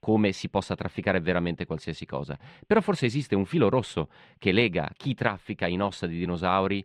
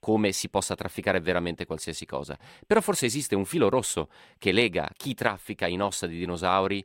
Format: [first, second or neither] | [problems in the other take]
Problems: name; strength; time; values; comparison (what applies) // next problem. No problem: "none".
second | muffled; slightly; fading above 3 kHz